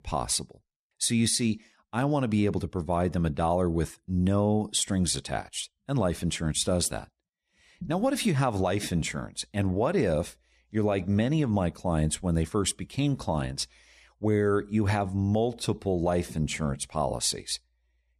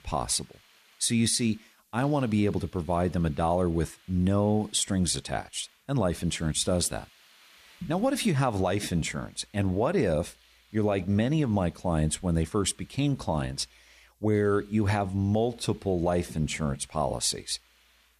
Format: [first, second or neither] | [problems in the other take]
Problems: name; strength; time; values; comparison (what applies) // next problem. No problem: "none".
first | hiss; faint; throughout; 30 dB below the speech